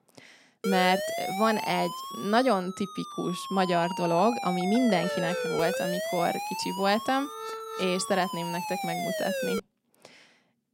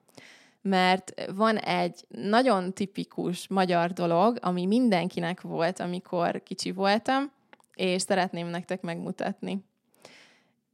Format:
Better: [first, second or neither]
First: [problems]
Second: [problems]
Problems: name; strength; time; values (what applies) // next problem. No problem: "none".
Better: second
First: siren; noticeable; from 0.5 to 9.5 s; peak 2 dB below the speech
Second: none